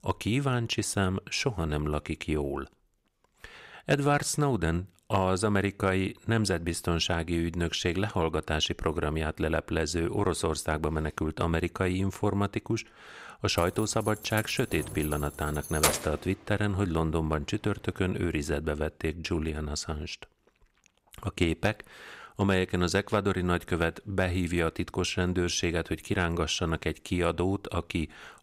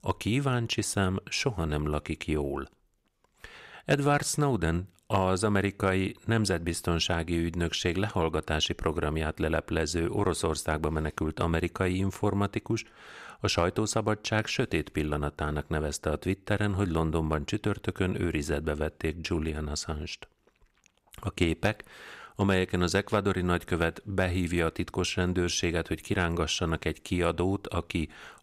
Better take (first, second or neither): second